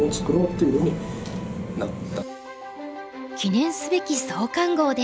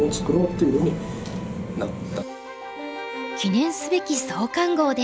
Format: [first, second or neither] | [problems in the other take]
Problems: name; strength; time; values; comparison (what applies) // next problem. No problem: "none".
first | background sound (Bowed string instrument); 16 dB below the speech